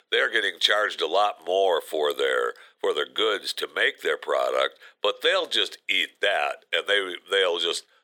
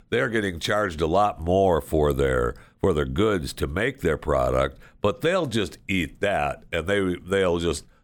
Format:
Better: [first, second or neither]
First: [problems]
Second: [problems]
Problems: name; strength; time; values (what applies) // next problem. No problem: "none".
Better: second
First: thin; very; fading below 450 Hz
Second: none